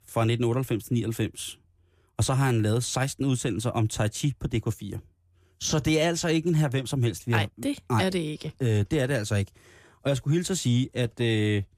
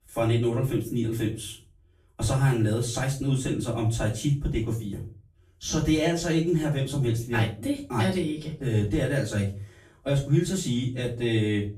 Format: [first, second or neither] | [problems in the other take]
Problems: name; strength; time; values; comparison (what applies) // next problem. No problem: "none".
first | off-mic speech; far // room echo; slight; dies away in 0.3 s